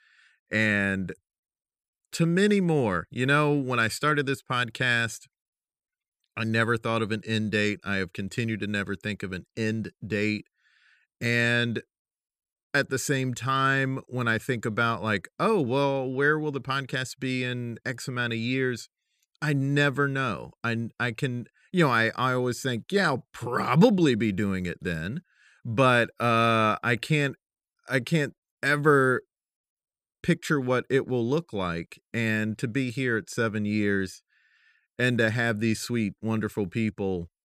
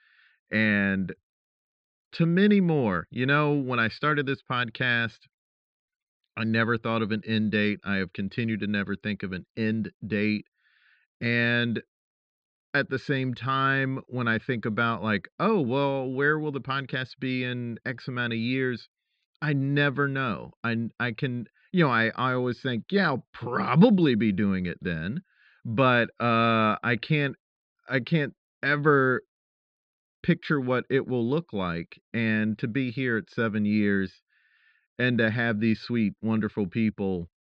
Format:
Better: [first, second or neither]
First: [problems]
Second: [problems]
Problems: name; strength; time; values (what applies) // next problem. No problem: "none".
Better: first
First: none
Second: muffled; very slightly; fading above 4 kHz